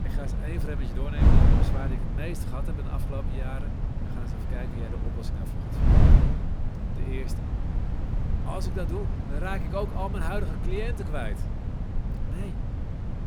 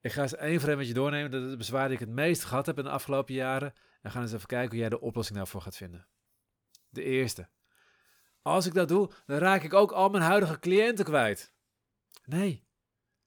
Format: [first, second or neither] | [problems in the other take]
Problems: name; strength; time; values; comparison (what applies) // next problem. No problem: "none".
second | wind noise on the microphone; heavy; 1 dB below the speech